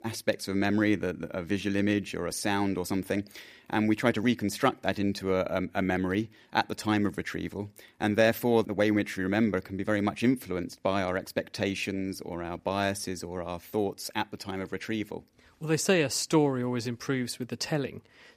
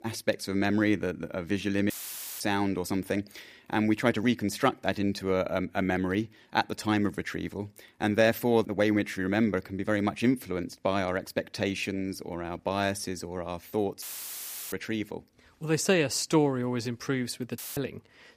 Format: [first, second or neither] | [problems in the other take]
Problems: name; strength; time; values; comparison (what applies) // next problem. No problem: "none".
first | audio cutting out; filled with static; at 2 s for 0.5 s, at 14 s for 0.5 s and at 18 s